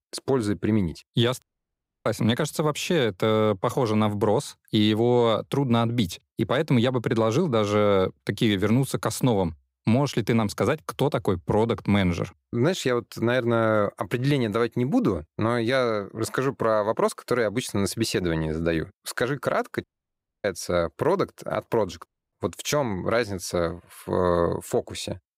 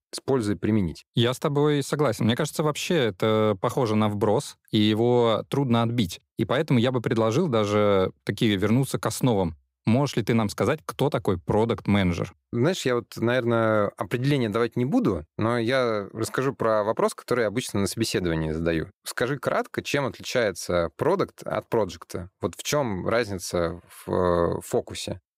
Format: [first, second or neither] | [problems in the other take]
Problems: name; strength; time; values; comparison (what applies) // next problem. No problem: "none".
second | audio cutting out; at 1.5 s for 0.5 s, at 20 s for 0.5 s and at 22 s